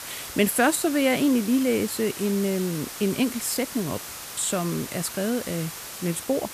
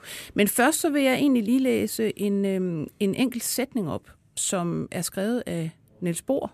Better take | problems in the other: second | hiss; loud; throughout; 10 dB below the speech

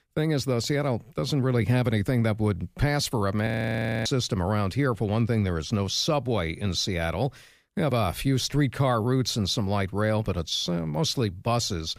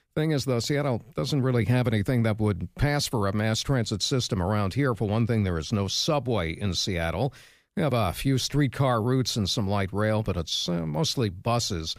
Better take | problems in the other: second | audio freezing; at 3.5 s for 0.5 s

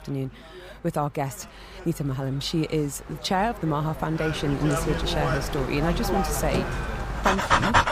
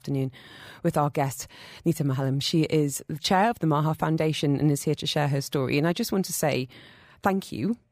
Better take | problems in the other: second | animal sounds; very loud; throughout; 1 dB above the speech

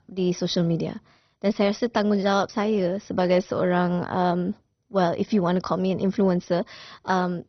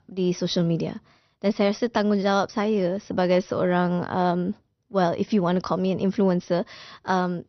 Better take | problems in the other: second | garbled, watery; badly; nothing above 6 kHz; slightly in the second

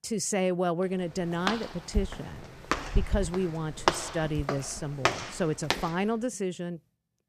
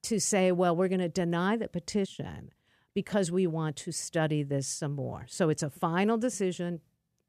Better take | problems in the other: second | footsteps; loud; from 1.5 to 6 s; peak 3 dB above the speech

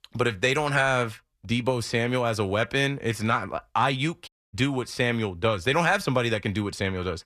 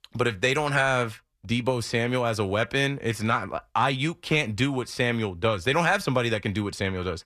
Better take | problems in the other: second | audio cutting out; at 4.5 s

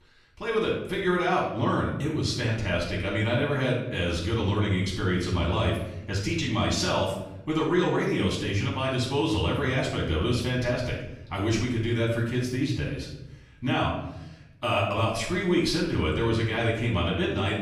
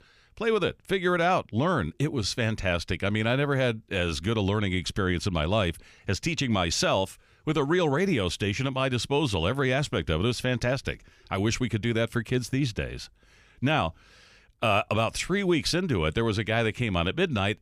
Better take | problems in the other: second | room echo; noticeable; dies away in 0.8 s // off-mic speech; far

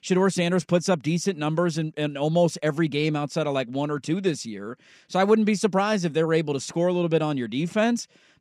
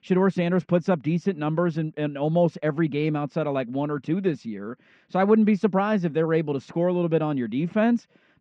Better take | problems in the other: first | muffled; very; fading above 2 kHz

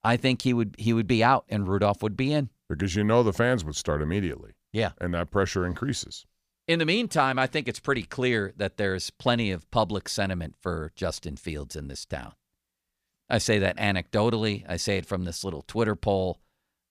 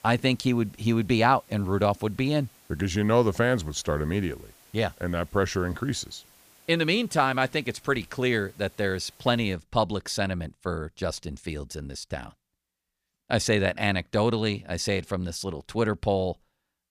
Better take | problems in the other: first | hiss; faint; until 9.5 s; 25 dB below the speech

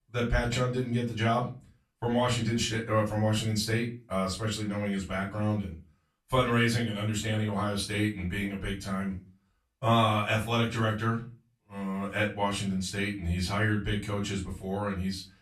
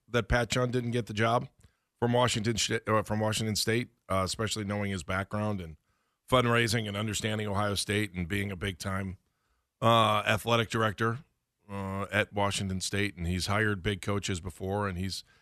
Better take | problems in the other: second | room echo; slight; dies away in 0.3 s // off-mic speech; far

